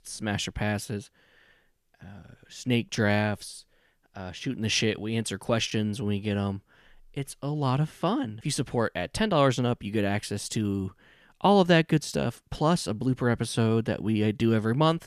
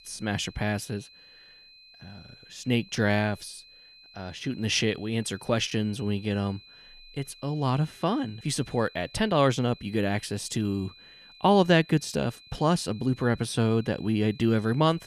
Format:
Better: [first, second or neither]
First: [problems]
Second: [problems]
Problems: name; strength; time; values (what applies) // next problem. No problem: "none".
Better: first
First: none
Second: high-pitched whine; faint; throughout; 4 kHz, 25 dB below the speech